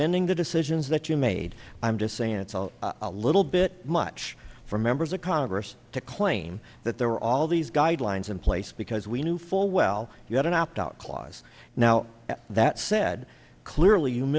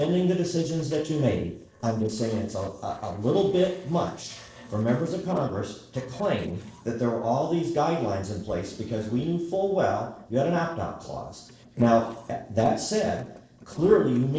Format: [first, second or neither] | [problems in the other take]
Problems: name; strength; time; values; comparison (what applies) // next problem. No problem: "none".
first | noise reduction (neural separator model SepFormer DNS4)